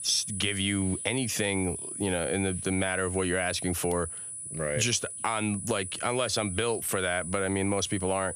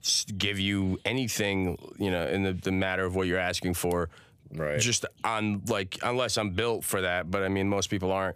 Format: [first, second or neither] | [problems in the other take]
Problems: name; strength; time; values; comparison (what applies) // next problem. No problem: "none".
second | high-pitched whine; loud; throughout; 10 kHz, 6 dB below the speech